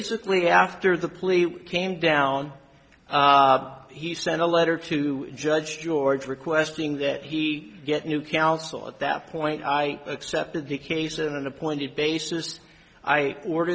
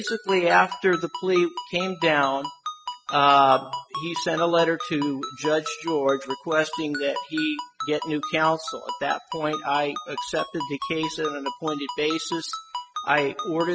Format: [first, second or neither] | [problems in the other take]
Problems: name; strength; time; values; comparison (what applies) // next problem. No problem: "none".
first | noise reduction (classical method spectral subtraction)